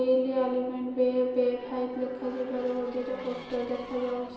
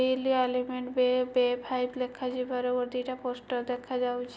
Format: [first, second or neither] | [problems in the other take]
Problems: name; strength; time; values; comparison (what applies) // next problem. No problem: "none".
second | background sound (Race car, auto racing / Accelerating, revving, vroom); 18 dB below the speech // room echo; dies away in 1 s